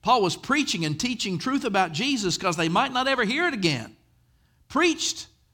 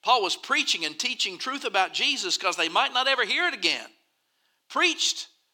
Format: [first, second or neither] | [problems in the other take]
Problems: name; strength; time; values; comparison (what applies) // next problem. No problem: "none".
first | thin; somewhat; fading below 400 Hz